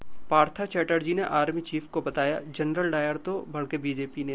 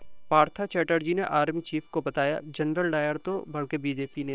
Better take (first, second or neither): first